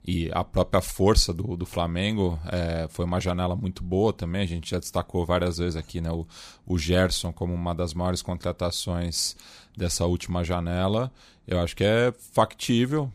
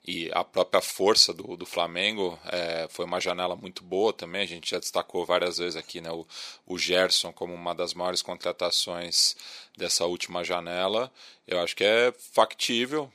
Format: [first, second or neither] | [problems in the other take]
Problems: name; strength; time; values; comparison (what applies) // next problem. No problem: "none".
first | thin; somewhat; fading below 450 Hz